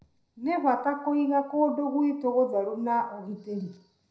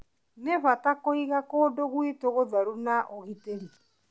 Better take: second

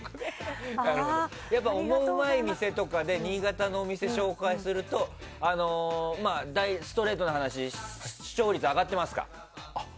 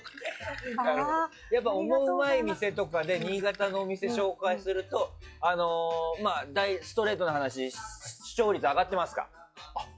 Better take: first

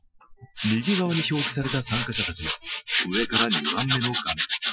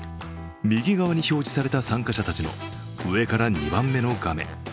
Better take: second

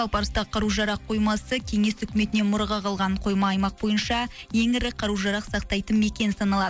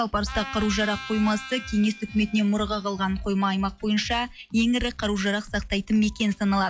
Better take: first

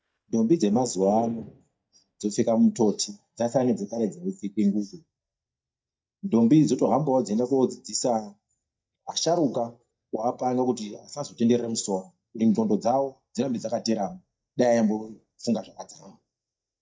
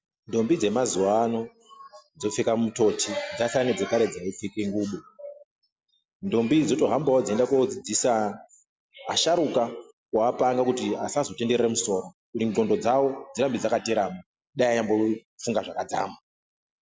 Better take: second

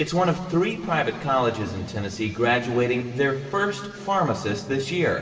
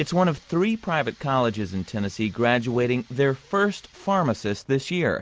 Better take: second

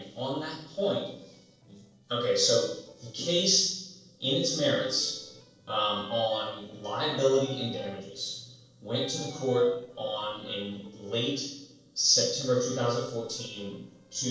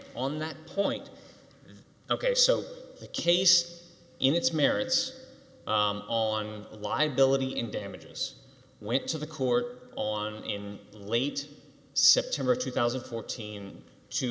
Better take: second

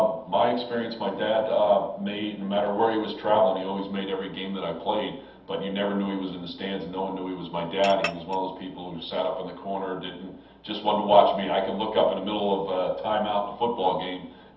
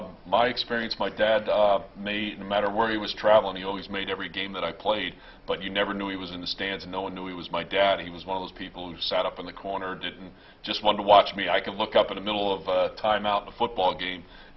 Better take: second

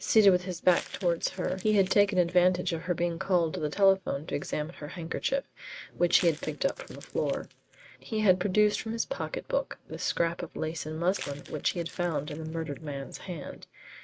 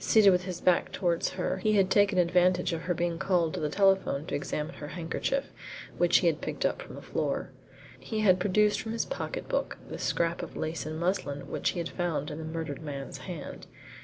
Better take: second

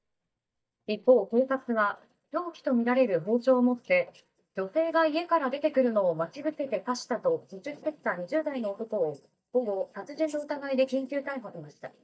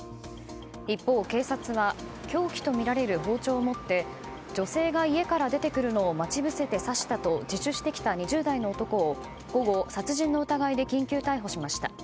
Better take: second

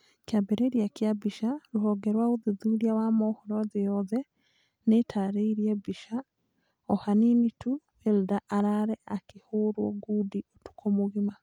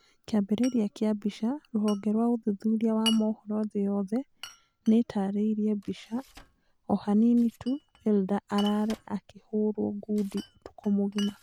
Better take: first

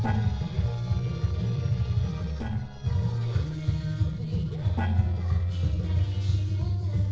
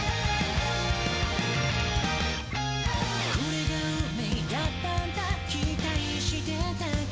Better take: second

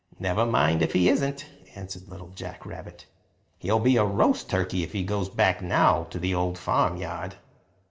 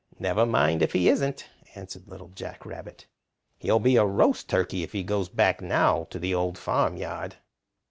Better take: second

